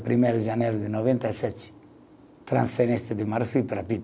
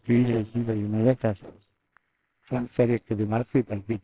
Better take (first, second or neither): first